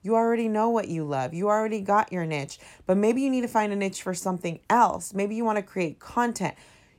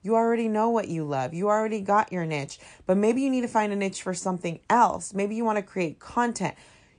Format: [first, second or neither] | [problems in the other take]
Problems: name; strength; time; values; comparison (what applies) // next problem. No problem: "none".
first | garbled, watery; slightly; nothing above 9.5 kHz